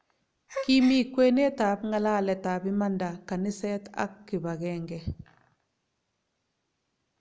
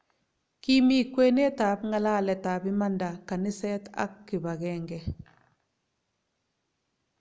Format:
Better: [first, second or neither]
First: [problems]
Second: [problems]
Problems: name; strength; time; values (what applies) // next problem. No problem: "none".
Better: second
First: background sound (Gasp); 15 dB below the speech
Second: none